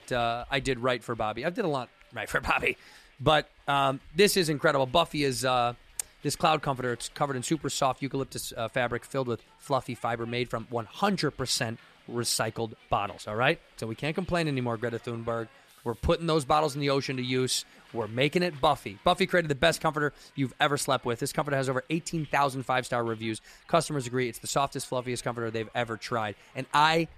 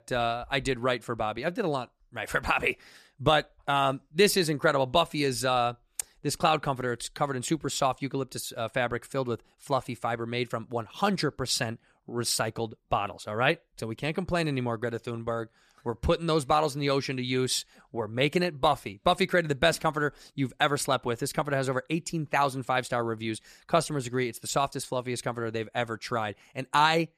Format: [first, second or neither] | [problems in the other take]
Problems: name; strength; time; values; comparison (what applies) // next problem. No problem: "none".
second | hiss; faint; throughout; 25 dB below the speech